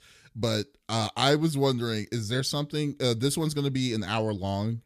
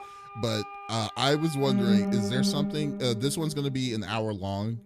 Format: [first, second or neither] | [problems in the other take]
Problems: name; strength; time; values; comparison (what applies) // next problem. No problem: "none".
first | background music; loud; throughout; 1 dB below the speech